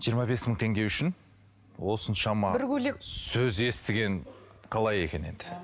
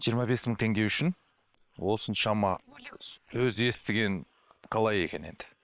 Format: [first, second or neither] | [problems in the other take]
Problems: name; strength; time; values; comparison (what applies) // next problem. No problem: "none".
first | noise reduction (neural separator model SepFormer WHAM!)